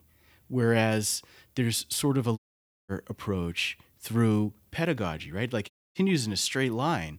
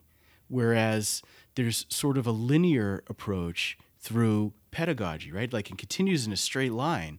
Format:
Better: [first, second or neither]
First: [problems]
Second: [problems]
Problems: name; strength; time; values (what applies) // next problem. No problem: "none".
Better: second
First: audio cutting out; at 2.5 s for 0.5 s and at 5.5 s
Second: none